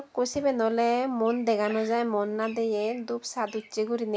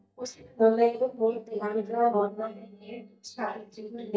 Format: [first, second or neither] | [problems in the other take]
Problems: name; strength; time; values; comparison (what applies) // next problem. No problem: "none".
first | noise reduction (neural mask model DeepFilterNet 3)